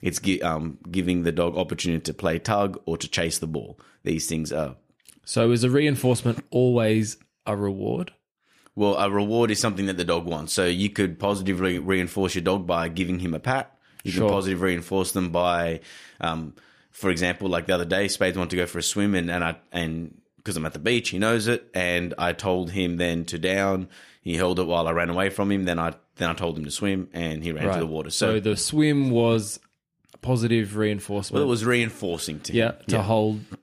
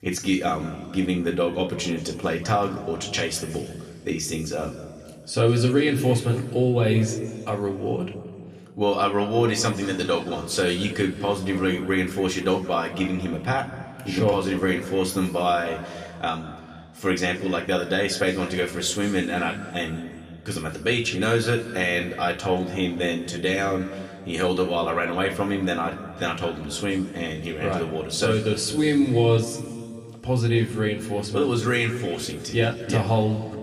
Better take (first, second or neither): first